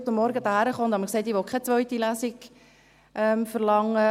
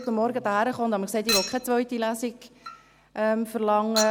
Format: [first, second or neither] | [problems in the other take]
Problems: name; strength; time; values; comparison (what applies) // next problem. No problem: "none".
first | background sound (Chink, clink); 9 dB below the speech